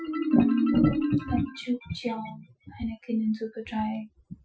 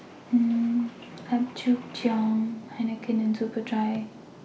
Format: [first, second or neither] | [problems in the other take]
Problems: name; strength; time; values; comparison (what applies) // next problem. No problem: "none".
second | noise reduction (classical method Wiener filter)